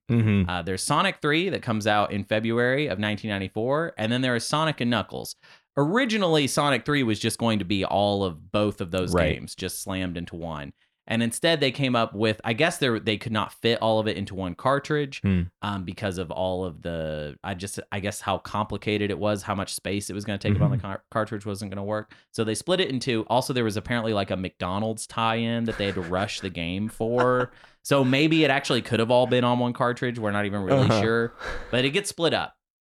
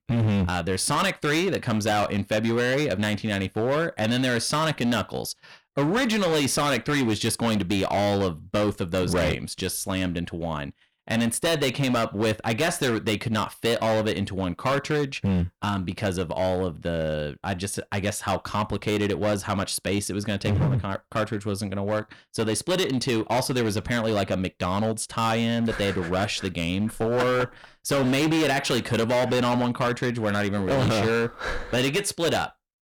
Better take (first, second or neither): first